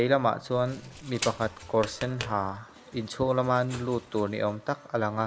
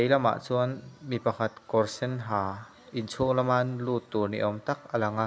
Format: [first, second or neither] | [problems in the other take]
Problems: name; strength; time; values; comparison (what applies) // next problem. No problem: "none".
second | background sound (Tap + Engine); 15 dB below the speech